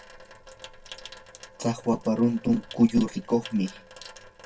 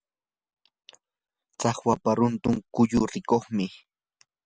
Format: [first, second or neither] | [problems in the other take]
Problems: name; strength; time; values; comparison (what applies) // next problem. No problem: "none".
second | background sound (Sink (filling or washing) / Water tap, faucet); 19 dB below the speech // room echo; dies away in 0.2 s